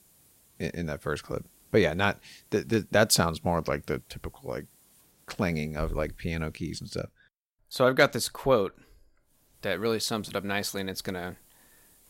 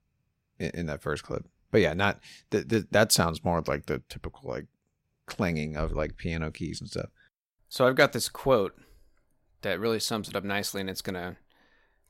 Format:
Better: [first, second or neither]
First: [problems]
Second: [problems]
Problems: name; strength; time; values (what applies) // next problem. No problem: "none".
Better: second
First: hiss; faint; until 7 s and from 9.5 s on; 30 dB below the speech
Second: none